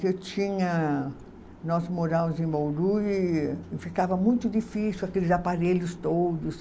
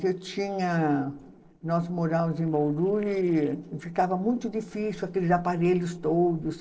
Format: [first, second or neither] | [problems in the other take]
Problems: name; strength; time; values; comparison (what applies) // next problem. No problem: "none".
first | noise reduction (neural separator model SepFormer DNS4)